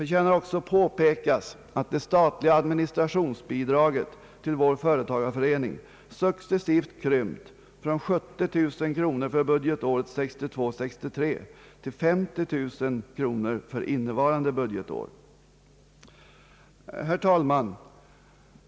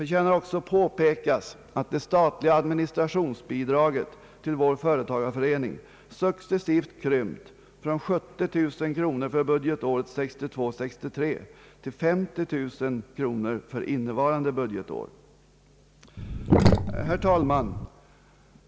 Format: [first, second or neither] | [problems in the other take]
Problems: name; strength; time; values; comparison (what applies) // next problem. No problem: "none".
first | background sound (Sink (filling or washing)); 3 dB above the speech